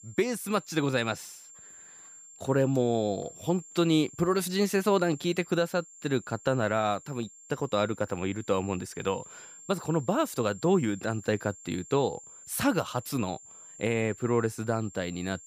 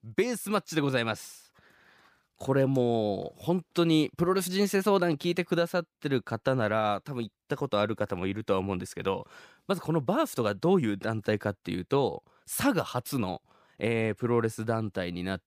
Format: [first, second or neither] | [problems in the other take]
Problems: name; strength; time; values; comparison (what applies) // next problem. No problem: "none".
second | high-pitched whine; noticeable; throughout; 7.5 kHz, 20 dB below the speech